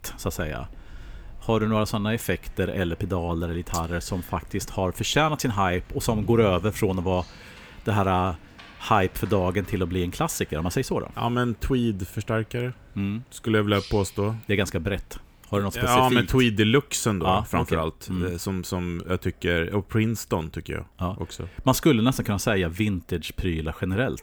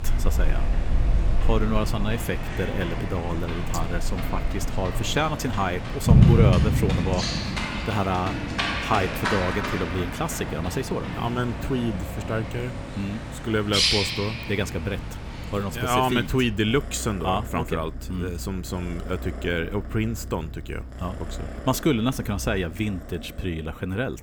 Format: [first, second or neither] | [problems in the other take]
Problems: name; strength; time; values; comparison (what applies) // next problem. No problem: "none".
first | animal sounds; loud; throughout; as loud as the speech; faint in the first